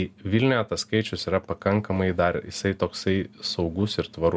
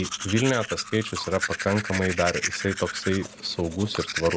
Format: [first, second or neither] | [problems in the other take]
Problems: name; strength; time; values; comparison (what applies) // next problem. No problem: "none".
first | background sound (Domestic sounds, home sounds); 7 dB below the speech